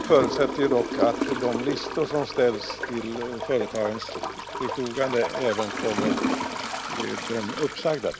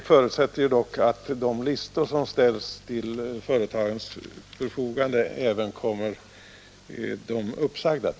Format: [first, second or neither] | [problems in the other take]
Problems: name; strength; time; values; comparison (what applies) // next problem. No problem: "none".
second | background sound (Toilet flush / Gurgling); 4 dB below the speech